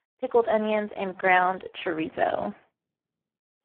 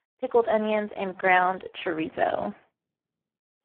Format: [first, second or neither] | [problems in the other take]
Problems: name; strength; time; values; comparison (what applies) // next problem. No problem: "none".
neither | phone-call audio; poor line; the same in both